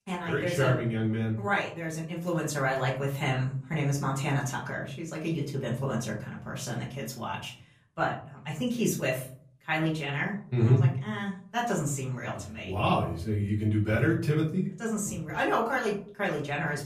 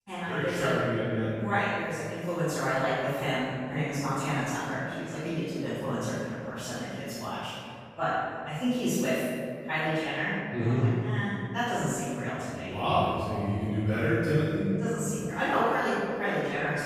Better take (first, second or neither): first